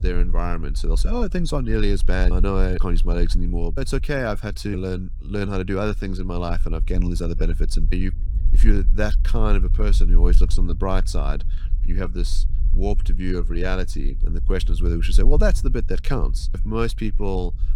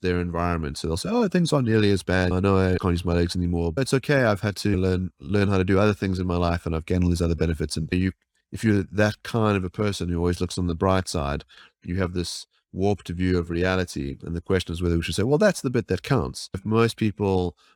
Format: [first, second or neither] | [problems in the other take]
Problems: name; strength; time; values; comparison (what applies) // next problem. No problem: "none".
second | low rumble; noticeable; throughout; 20 dB below the speech